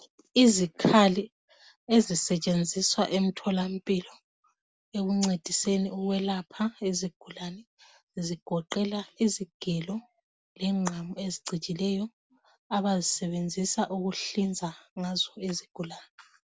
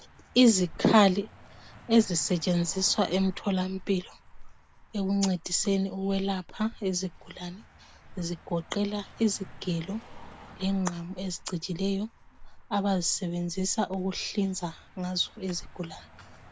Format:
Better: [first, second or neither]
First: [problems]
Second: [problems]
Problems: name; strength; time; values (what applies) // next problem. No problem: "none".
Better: first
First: none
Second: background sound (Car passing by); 17 dB below the speech